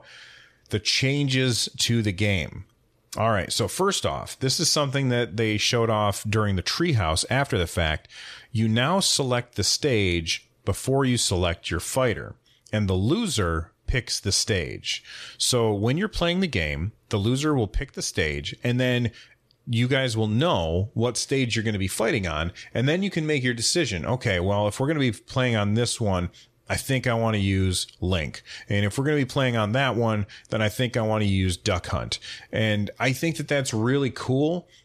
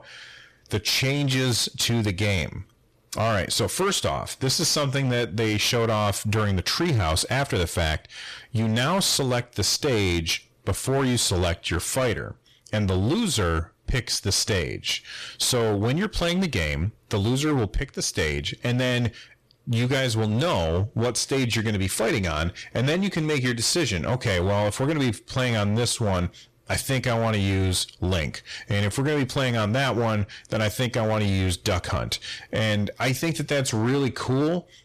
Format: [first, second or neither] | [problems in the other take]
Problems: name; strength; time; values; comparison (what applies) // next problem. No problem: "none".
first | distortion; slight; 19% of the sound clipped